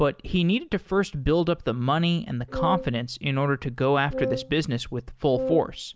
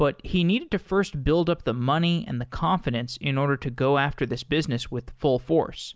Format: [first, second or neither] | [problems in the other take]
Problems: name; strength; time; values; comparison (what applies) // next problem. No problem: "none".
second | background sound (Wind instrument, woodwind instrument); 6 dB below the speech